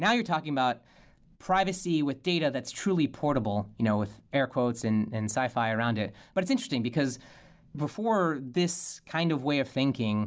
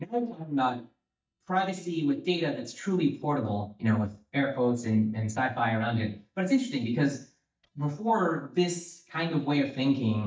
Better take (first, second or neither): first